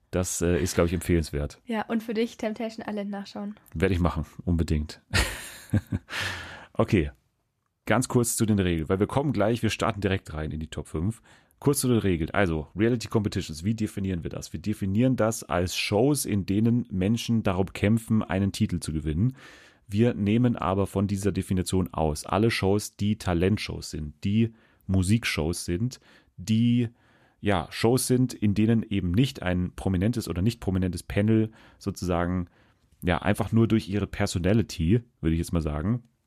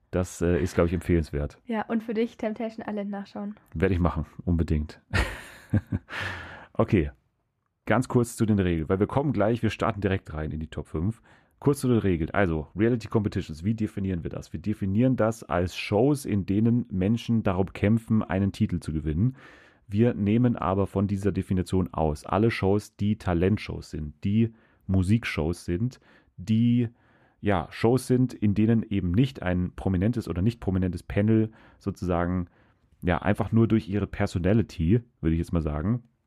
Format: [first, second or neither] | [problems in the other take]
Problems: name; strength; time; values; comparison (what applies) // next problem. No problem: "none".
first | muffled; slightly; fading above 3 kHz